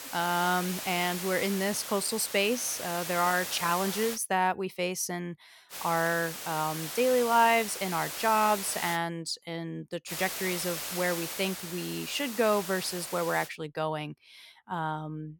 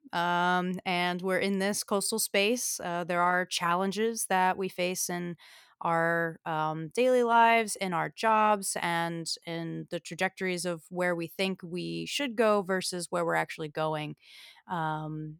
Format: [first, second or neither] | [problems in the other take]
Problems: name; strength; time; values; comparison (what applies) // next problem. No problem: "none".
second | hiss; loud; until 4 s, from 5.5 to 9 s and from 10 to 13 s; 6 dB below the speech